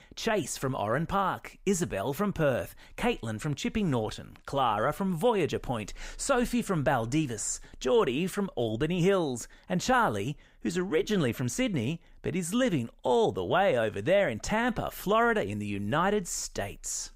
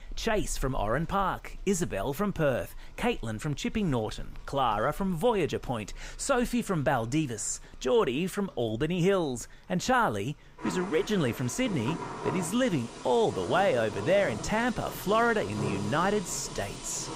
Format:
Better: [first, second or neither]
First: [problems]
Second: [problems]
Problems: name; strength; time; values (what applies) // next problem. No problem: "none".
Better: first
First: none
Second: rain or running water; noticeable; throughout; 10 dB below the speech